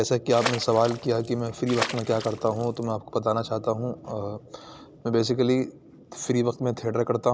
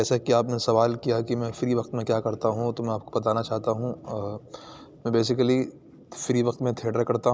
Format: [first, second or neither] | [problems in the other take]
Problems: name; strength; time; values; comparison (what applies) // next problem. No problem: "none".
second | background sound (Water / Splash, splatter); 9 dB below the speech